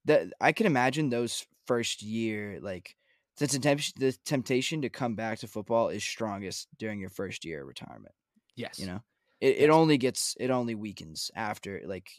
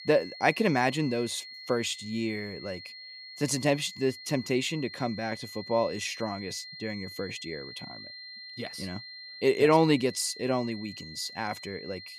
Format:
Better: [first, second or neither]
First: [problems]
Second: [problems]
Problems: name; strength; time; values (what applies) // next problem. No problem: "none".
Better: first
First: none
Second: high-pitched whine; noticeable; throughout; 4 kHz, 15 dB below the speech